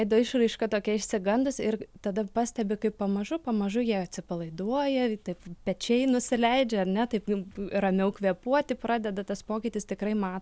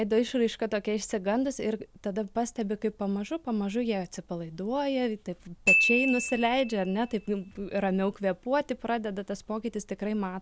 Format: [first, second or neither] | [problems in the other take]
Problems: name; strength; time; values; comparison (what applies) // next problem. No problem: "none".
first | background sound (Glockenspiel); 2 dB below the speech